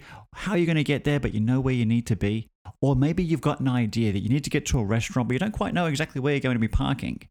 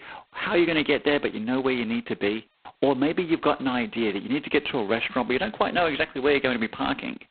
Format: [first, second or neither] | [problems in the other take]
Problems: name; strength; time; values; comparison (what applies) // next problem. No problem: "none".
first | phone-call audio; poor line; nothing above 4 kHz